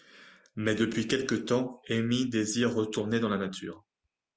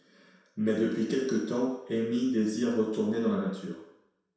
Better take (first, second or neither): first